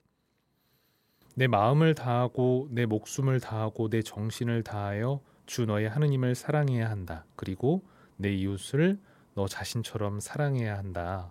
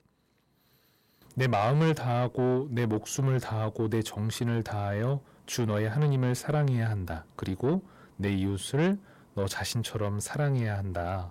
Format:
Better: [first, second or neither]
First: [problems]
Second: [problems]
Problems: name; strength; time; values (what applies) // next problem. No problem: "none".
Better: first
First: none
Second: distortion; slight; 10 dB below the speech